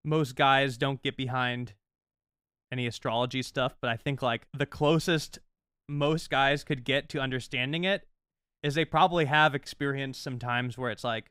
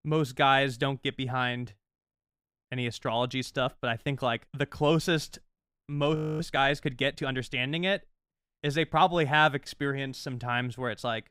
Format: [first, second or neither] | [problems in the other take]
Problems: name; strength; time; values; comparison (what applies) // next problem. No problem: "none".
first | audio freezing; at 6 s